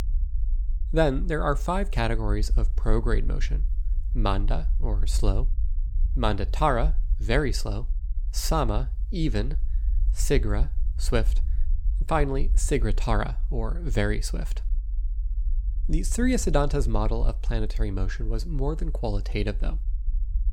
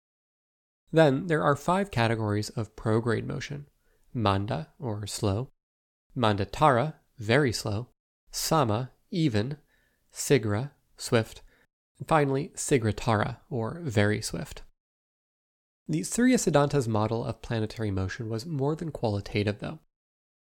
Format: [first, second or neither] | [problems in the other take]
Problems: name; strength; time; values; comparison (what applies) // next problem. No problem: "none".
second | low rumble; faint; throughout; 25 dB below the speech